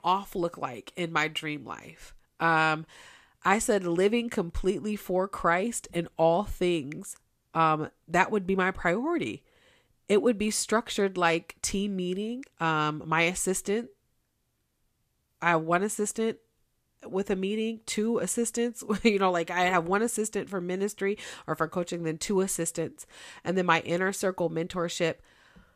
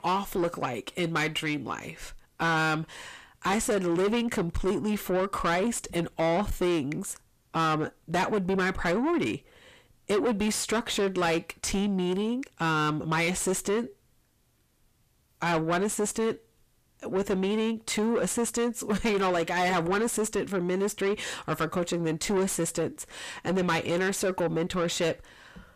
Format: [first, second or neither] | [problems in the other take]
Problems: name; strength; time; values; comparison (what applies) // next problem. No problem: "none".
first | distortion; heavy; 6 dB below the speech